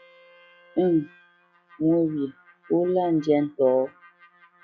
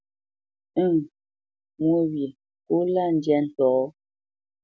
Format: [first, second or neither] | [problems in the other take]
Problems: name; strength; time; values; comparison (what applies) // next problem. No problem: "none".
second | noise reduction (classical method log-MMSE)